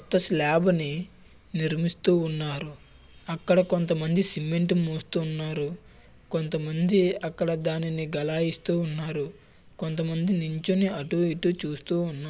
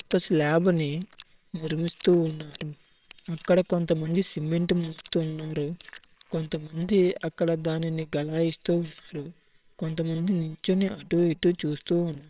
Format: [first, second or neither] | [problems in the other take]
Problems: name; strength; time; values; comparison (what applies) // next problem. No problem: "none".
first | noise reduction (neural separator model SepFormer WHAMR!)